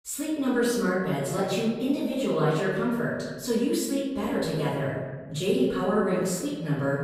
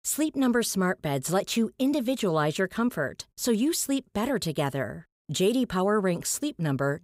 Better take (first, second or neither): second